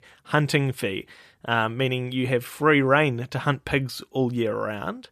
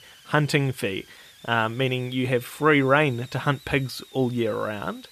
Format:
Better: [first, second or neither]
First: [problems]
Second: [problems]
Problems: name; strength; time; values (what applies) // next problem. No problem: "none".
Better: first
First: none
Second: hiss; faint; throughout; 25 dB below the speech